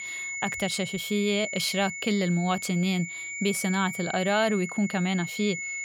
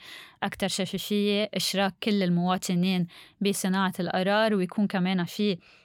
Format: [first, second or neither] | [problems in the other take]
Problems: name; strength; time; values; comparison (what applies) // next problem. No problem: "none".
second | high-pitched whine; loud; throughout; 2 kHz, 7 dB below the speech